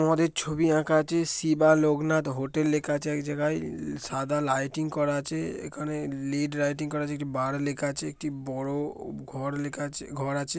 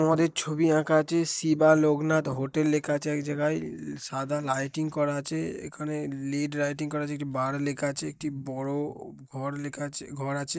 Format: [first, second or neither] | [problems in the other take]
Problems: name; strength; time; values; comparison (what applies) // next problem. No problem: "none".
first | noise reduction (neural mask model DeepFilterNet 3)